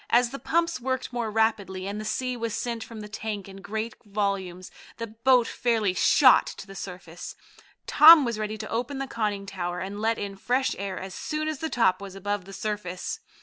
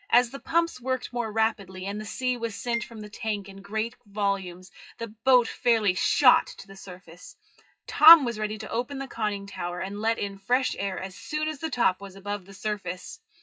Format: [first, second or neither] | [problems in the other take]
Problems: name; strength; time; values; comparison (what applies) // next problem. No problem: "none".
first | noise reduction (classical method WPE with log-MMSE)